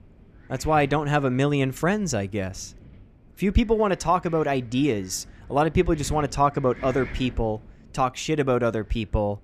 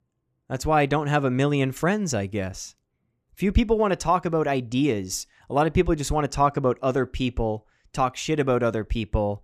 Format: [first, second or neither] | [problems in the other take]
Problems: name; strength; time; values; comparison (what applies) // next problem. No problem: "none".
second | wind noise on the microphone; occasional gusts; 20 dB below the speech